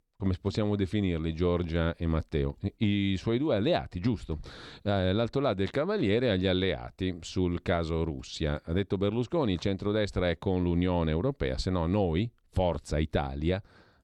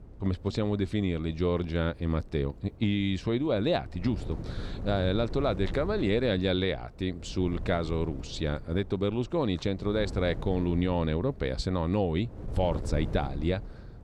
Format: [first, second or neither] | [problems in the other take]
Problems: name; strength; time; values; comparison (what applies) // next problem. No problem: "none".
first | wind noise on the microphone; occasional gusts; 20 dB below the speech